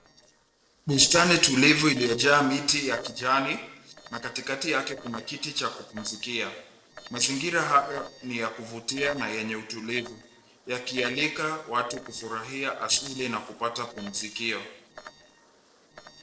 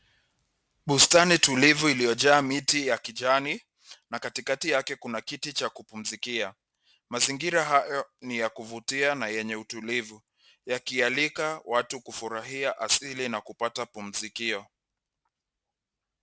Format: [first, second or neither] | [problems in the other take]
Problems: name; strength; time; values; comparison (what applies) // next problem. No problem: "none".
second | noise reduction (neural separator model SepFormer DNS4)